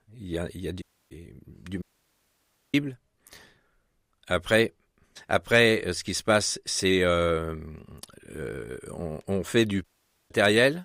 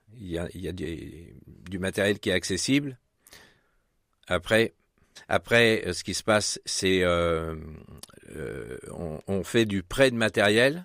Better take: second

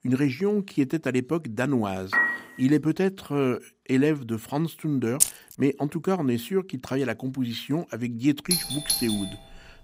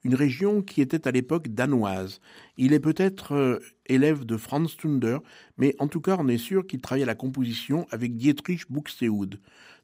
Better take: second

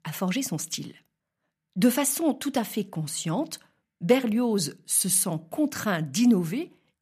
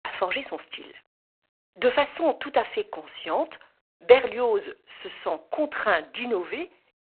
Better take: first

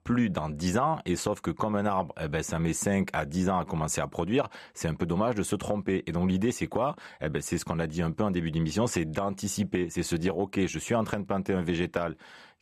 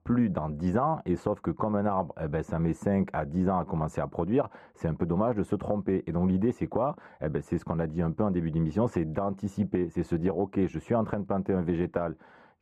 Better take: first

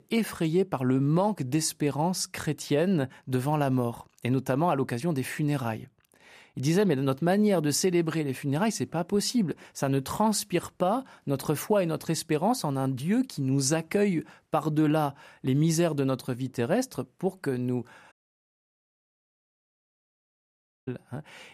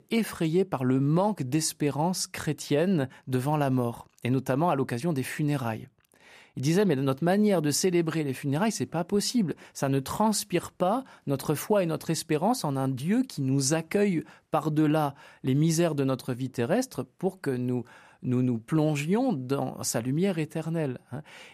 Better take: second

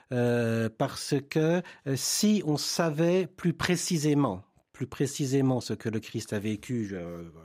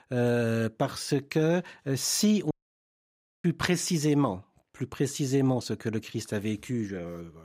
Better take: first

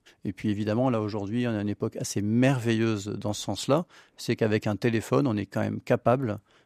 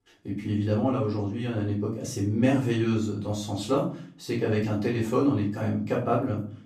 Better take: first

